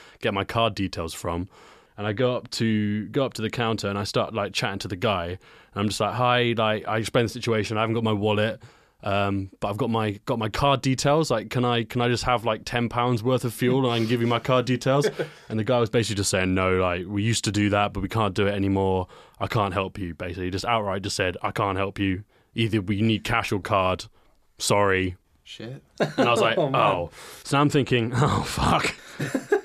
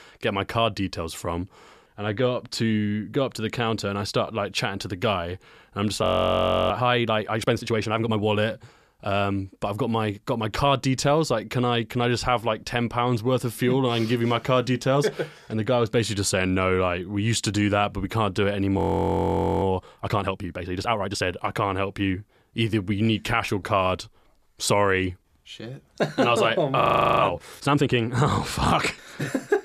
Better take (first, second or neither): first